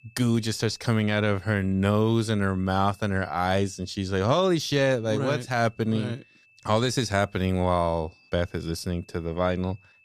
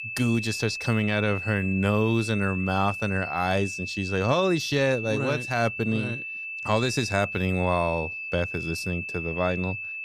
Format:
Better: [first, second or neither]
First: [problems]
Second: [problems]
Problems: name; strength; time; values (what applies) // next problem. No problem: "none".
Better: first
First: high-pitched whine; faint; throughout; 2.5 kHz, 30 dB below the speech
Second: high-pitched whine; loud; throughout; 2.5 kHz, 6 dB below the speech